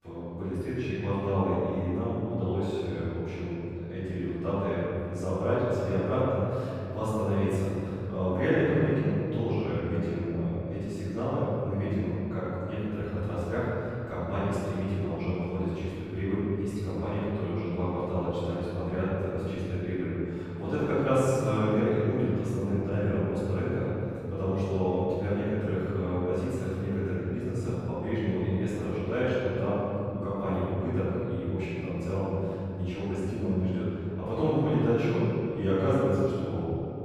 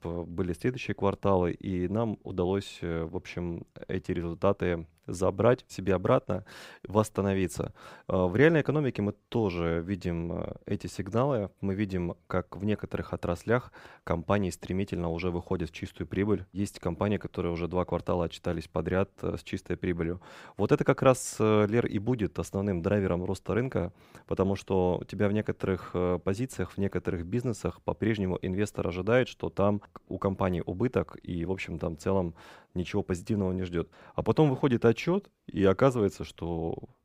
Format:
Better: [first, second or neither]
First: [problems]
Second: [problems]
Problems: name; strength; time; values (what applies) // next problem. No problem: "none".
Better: second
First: room echo; strong; dies away in 3 s // off-mic speech; far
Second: none